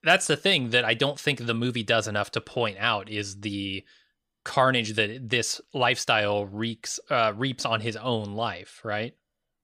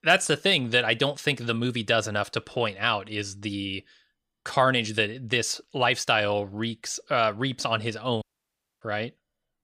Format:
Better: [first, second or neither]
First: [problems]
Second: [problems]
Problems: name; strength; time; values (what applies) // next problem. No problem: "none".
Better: first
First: none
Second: audio cutting out; at 8 s for 0.5 s